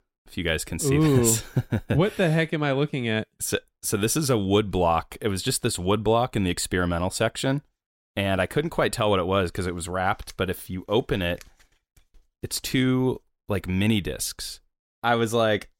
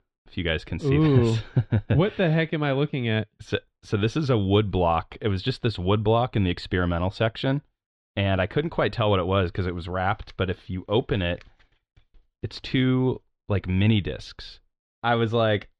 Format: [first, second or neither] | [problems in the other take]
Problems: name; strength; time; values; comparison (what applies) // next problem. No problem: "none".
first | muffled; slightly; fading above 3.5 kHz